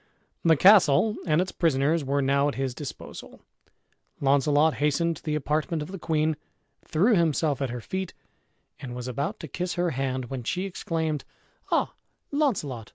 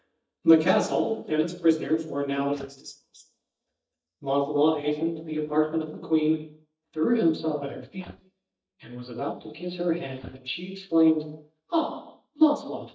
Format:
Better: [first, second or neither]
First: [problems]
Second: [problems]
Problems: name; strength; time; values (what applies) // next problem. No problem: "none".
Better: first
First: none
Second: noise reduction (neural mask model DeepFilterNet 3)